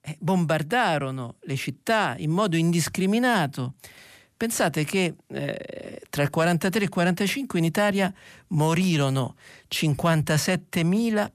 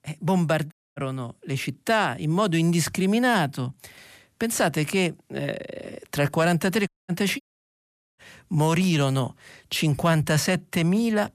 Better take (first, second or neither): first